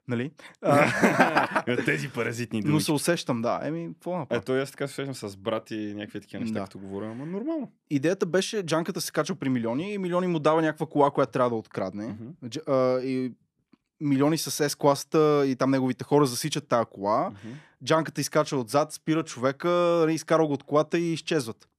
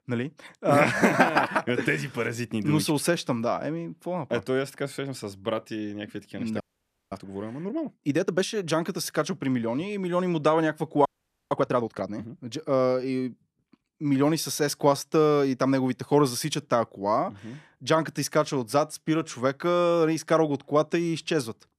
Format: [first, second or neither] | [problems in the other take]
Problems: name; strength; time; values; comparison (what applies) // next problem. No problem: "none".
first | audio freezing; at 6.5 s for 0.5 s and at 11 s